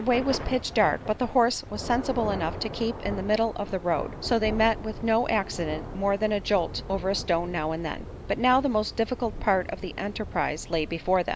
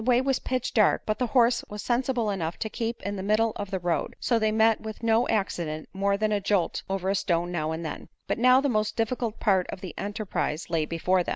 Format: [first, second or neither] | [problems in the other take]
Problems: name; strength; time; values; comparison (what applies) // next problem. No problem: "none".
second | background sound (Thunder / Rain); 11 dB below the speech